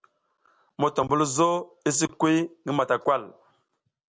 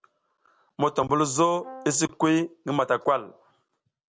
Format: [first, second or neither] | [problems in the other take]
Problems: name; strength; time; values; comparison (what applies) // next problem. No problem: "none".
first | background sound (Brass instrument); 19 dB below the speech